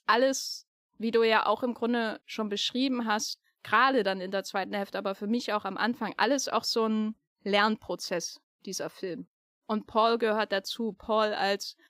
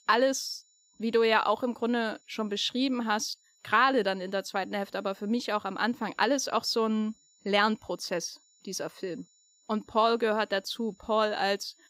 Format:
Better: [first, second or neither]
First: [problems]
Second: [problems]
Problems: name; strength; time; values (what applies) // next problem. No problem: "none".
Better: first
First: none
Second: high-pitched whine; faint; throughout; 7 kHz, 35 dB below the speech